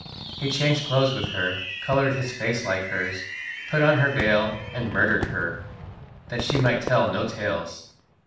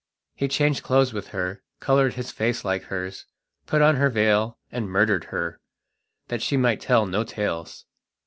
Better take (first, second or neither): second